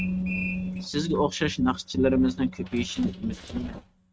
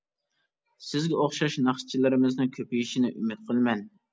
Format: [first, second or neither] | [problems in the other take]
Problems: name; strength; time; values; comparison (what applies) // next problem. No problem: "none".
second | noise reduction (neural mask model RNNoise)